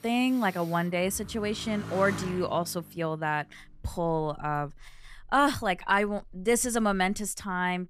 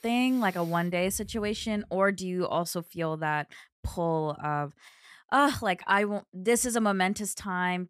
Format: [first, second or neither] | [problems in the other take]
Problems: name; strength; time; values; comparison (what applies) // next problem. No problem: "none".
second | traffic noise; noticeable; throughout; 15 dB below the speech